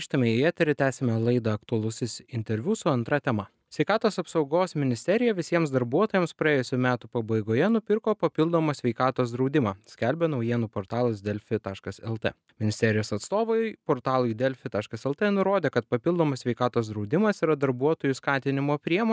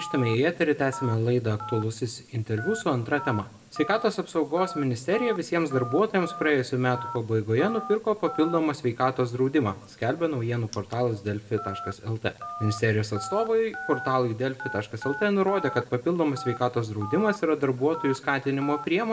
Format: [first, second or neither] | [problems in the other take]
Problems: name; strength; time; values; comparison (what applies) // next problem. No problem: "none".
first | background sound (Telephone); 14 dB below the speech // room echo; dies away in 0.9 s